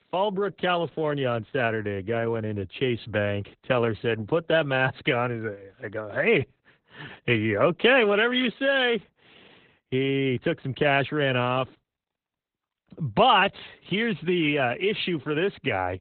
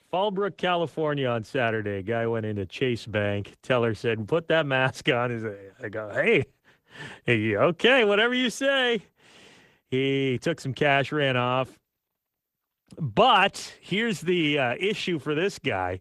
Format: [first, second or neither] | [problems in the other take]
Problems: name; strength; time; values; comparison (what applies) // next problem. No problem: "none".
second | garbled, watery; badly; slightly in the second